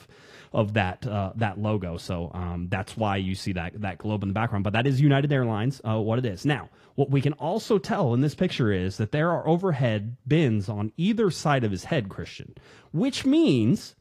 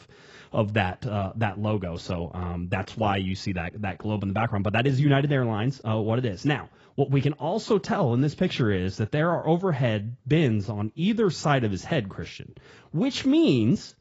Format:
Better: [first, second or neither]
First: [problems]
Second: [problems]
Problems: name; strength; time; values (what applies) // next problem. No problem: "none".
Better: first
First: garbled, watery; slightly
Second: garbled, watery; badly; nothing above 7.5 kHz